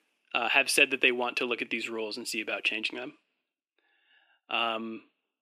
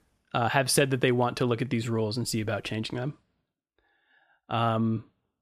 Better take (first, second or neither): second